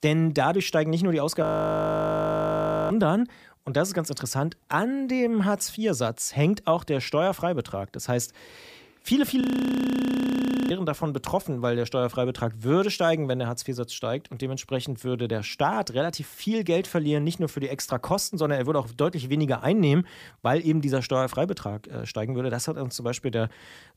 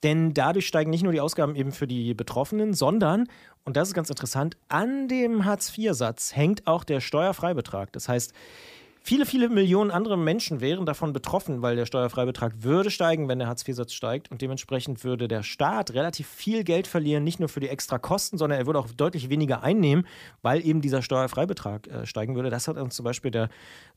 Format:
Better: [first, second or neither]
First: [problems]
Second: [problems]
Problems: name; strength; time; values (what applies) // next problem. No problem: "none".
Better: second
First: audio freezing; at 1.5 s for 1.5 s and at 9.5 s for 1.5 s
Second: none